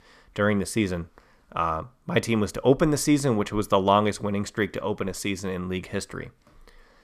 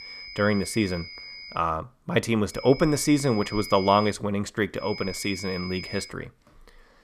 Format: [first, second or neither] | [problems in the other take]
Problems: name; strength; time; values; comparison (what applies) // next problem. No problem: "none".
first | high-pitched whine; noticeable; until 1.5 s, from 2.5 to 4 s and from 5 to 6 s; 5 kHz, 10 dB below the speech